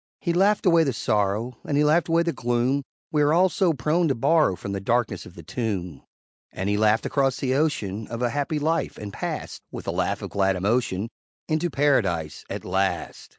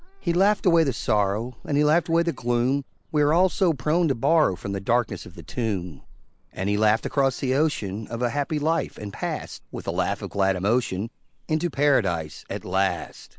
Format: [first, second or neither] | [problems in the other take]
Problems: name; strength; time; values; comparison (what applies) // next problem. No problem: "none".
first | background sound (Meow / Purr); 15 dB below the speech